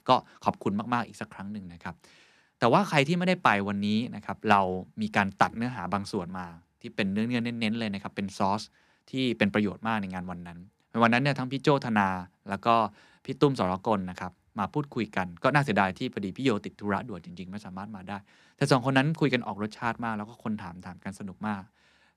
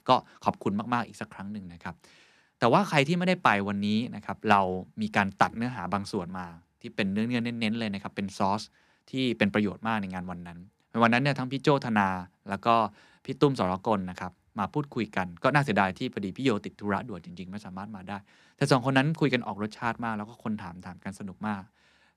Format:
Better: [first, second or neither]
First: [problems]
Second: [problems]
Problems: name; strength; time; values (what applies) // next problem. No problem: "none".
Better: neither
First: none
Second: none